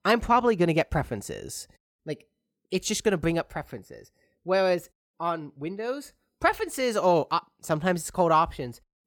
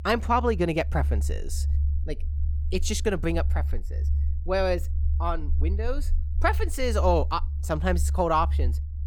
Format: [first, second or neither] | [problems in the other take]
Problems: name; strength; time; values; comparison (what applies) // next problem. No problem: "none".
first | low rumble; faint; throughout; 20 dB below the speech